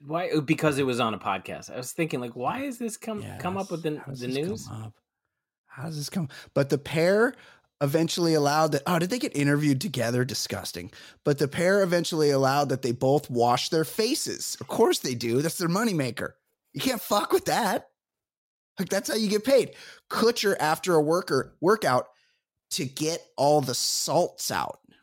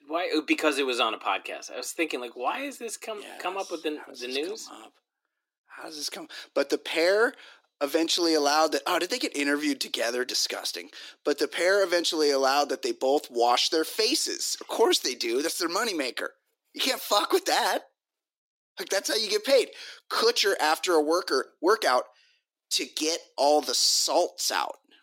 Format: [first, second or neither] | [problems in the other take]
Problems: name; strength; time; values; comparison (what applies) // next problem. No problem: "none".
first | thin; somewhat; fading below 300 Hz